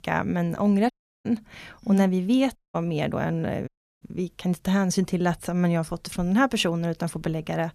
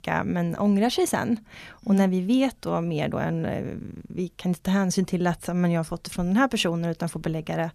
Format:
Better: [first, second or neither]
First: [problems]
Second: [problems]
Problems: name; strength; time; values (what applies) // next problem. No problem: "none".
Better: second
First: audio cutting out; at 1 s, at 2.5 s and at 3.5 s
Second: none